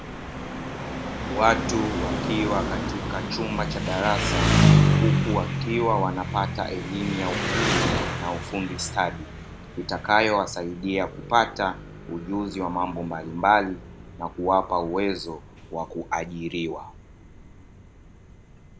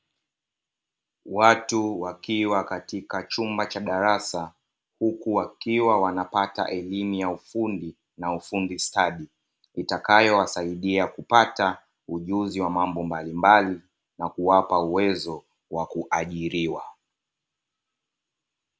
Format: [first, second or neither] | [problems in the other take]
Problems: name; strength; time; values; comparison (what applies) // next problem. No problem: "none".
second | background sound (Engine); as loud as the speech